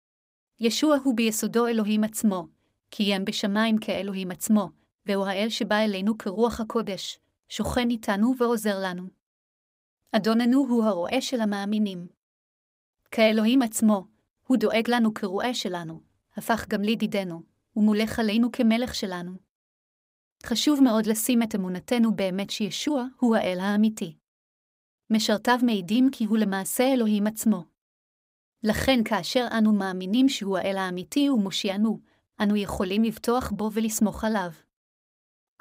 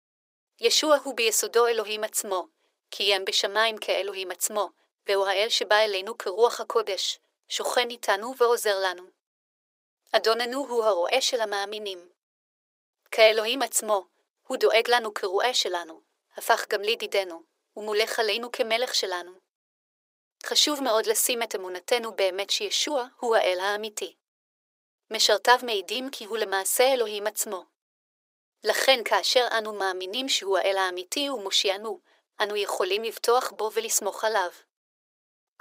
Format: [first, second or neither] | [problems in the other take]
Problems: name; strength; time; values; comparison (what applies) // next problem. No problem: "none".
first | thin; very; fading below 400 Hz